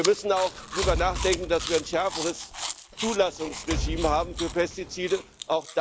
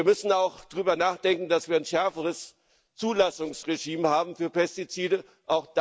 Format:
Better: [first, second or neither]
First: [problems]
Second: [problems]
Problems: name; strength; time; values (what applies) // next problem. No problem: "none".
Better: second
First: background sound (Door + Chewing, mastication); 6 dB below the speech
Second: none